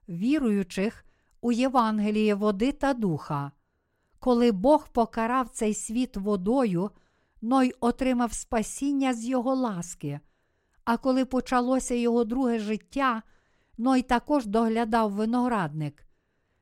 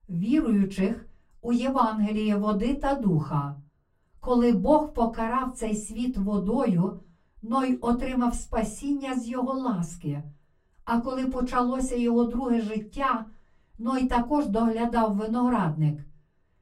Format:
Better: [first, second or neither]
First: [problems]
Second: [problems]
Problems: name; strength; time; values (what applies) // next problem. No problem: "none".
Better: first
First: none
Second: off-mic speech; far // room echo; very slight; dies away in 0.3 s